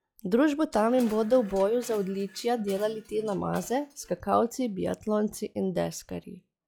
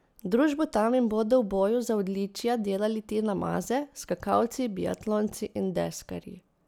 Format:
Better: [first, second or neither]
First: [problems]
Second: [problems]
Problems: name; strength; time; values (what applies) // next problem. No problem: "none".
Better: second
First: noise reduction (classical method log-MMSE)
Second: none